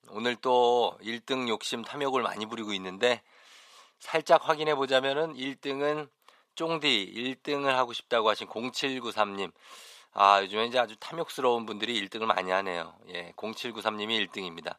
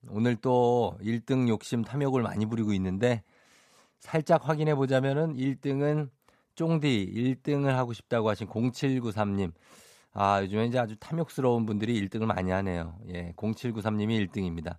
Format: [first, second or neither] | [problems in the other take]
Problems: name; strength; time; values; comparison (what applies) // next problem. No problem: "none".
second | thin; somewhat; fading below 450 Hz